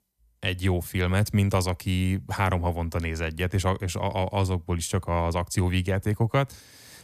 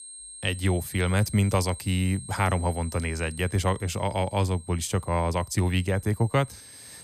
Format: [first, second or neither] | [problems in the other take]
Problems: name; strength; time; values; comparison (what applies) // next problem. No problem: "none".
first | high-pitched whine; noticeable; throughout; 8.5 kHz, 15 dB below the speech